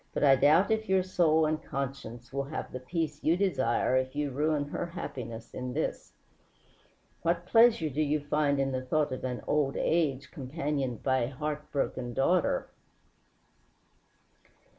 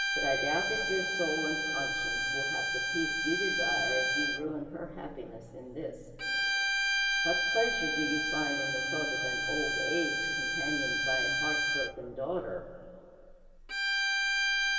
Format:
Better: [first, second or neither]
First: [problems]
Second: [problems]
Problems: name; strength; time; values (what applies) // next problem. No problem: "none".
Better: first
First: none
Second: background sound (Bowed string instrument); 5 dB above the speech // room echo; dies away in 2.4 s